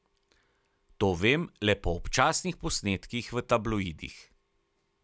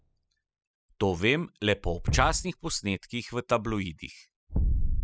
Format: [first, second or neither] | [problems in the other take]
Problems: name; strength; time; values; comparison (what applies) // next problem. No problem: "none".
first | noise reduction (classical method spectral subtraction)